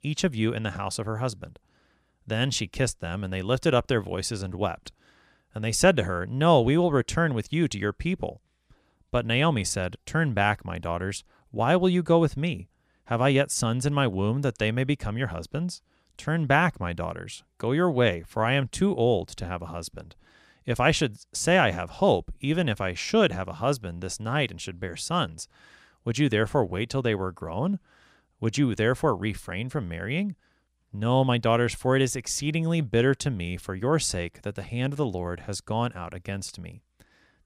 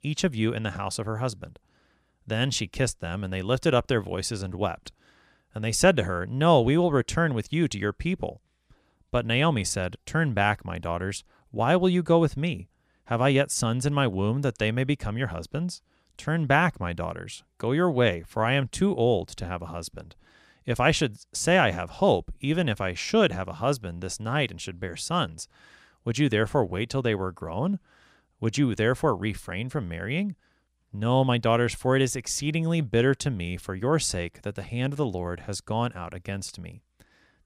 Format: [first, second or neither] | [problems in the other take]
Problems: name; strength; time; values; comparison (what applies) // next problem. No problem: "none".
neither | none